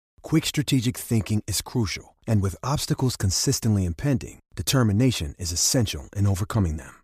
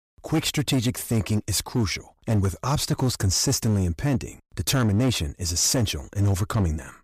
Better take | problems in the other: first | distortion; slight; 10% of the sound clipped

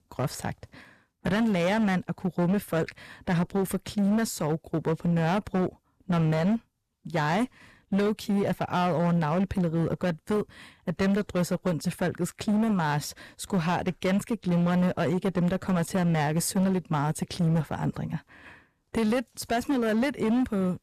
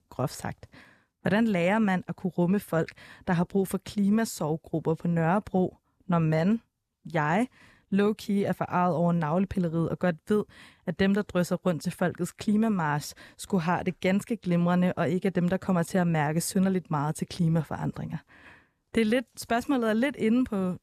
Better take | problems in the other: second | distortion; slight; 15% of the sound clipped

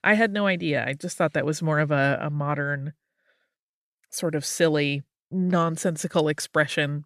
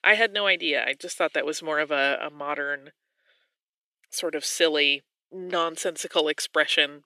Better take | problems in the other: first | thin; very; fading below 350 Hz

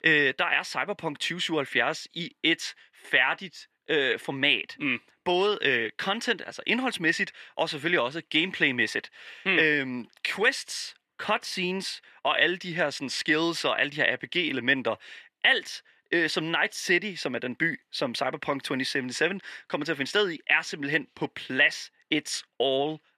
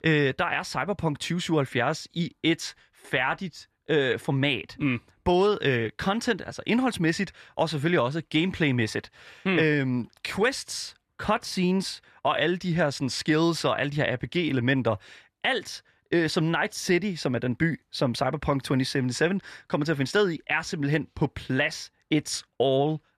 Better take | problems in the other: second | thin; somewhat; fading below 250 Hz

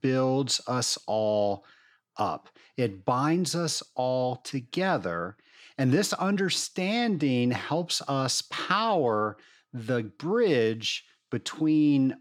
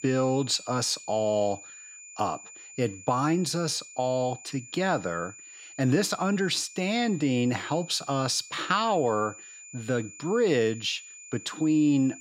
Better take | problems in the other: first | high-pitched whine; noticeable; throughout; 7 kHz, 15 dB below the speech

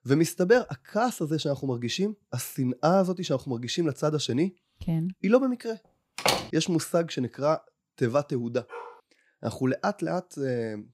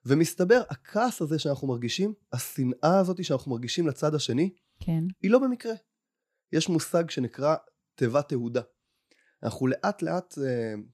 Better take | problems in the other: second | door banging; loud; at 6 s; peak 2 dB above the speech // dog barking; faint; at 8.5 s; peak 15 dB below the speech

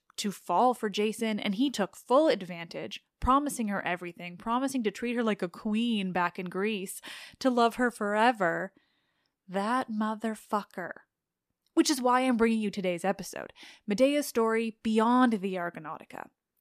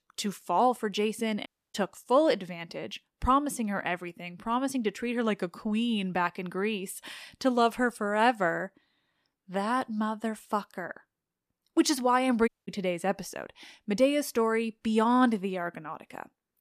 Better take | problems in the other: first | audio cutting out; at 1.5 s and at 12 s

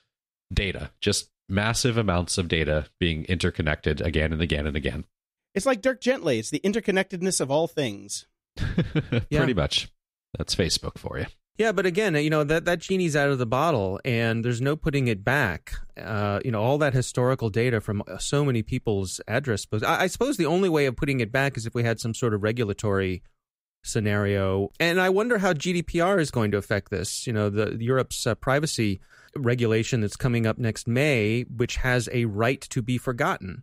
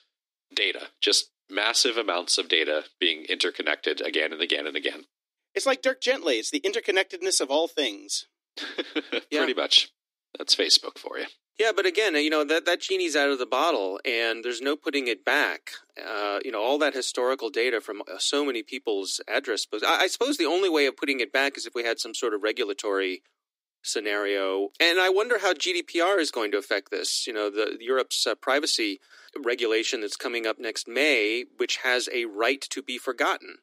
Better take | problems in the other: first | thin; somewhat; fading below 300 Hz

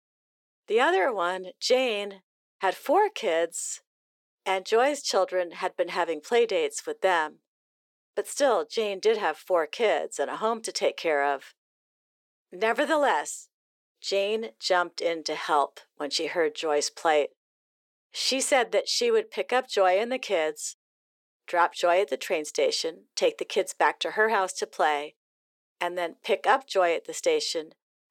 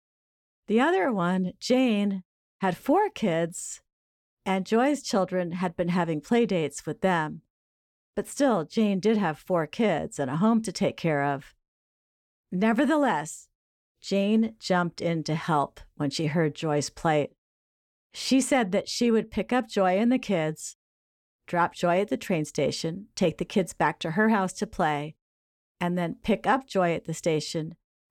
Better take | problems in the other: second | thin; very; fading below 400 Hz

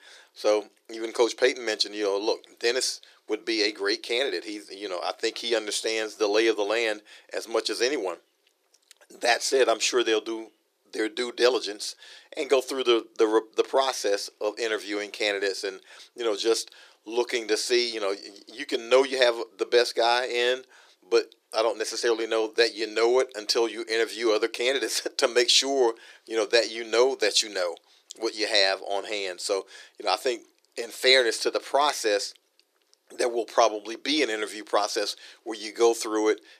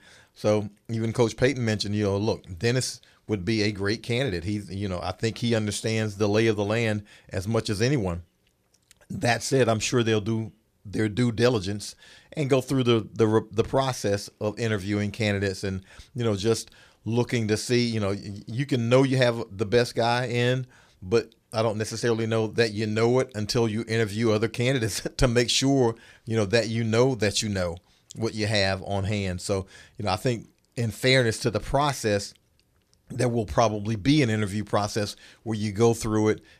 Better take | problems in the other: second | thin; very; fading below 350 Hz

